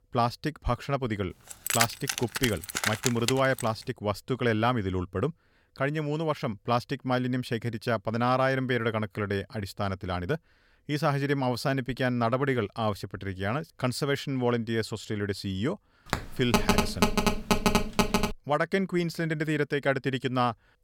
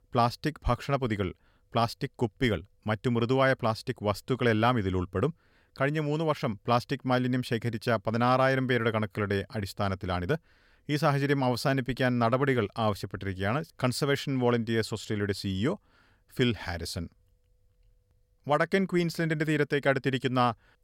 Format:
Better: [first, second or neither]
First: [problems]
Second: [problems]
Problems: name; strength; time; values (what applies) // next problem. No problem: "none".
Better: second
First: jangling keys; loud; from 1.5 to 3.5 s; peak 3 dB above the speech // phone ringing; loud; from 16 to 18 s; peak 5 dB above the speech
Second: none